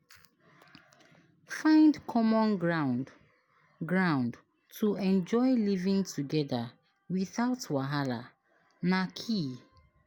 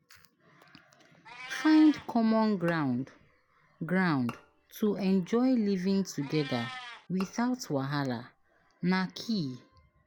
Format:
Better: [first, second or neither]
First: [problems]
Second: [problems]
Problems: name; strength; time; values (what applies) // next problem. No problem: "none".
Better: first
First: none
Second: background sound (Bowed string instrument + Meow); 19 dB below the speech